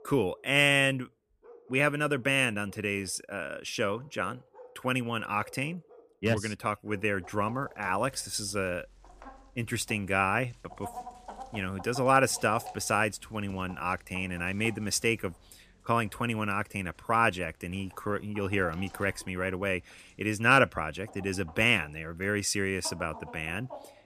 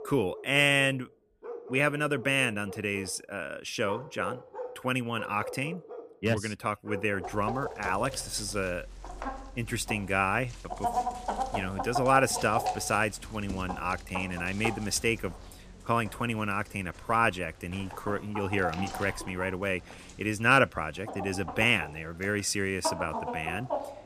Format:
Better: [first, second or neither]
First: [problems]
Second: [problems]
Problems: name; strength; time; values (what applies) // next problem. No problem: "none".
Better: first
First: animal sounds; faint; throughout; 20 dB below the speech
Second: animal sounds; loud; throughout; 9 dB below the speech